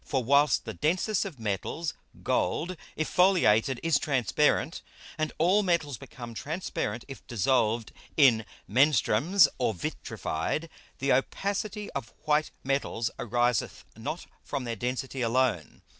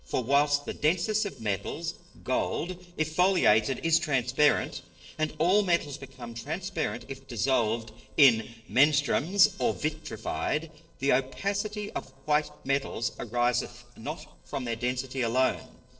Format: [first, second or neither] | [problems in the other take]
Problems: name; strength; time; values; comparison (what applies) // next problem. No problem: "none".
first | noise reduction (neural separator model SepFormer DNS4)